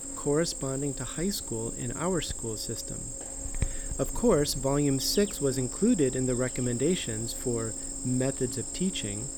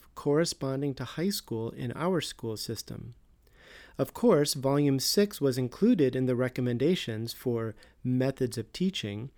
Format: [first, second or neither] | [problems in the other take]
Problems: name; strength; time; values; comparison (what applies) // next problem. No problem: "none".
second | animal sounds; loud; throughout; 5 dB below the speech